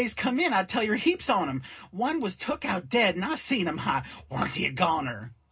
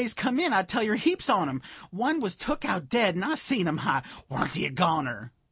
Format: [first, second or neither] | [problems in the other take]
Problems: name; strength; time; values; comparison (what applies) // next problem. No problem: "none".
second | room echo; dies away in 0.2 s